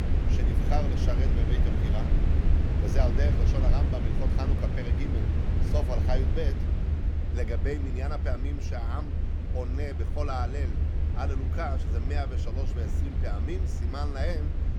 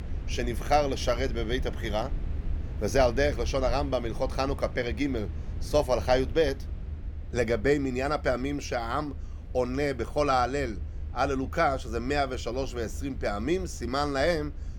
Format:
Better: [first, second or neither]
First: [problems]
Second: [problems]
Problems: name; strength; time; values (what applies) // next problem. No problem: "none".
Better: second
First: low rumble; loud; throughout; 3 dB below the speech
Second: low rumble; faint; throughout; 20 dB below the speech